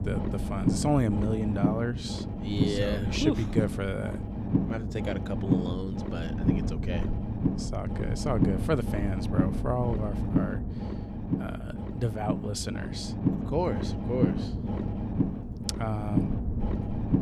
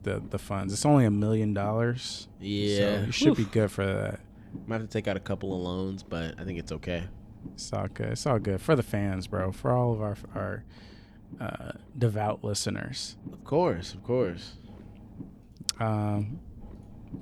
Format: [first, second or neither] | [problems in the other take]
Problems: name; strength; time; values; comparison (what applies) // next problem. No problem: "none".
second | low rumble; loud; throughout; 3 dB below the speech; faint in the second